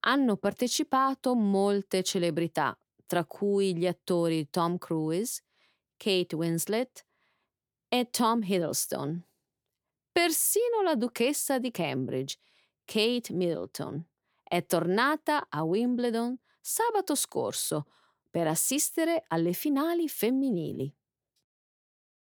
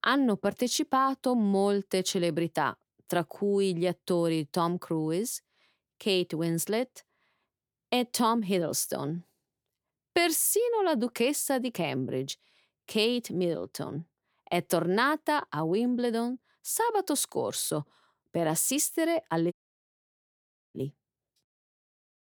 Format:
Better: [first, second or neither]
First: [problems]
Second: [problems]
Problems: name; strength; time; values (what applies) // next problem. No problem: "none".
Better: first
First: none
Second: audio cutting out; at 20 s for 1 s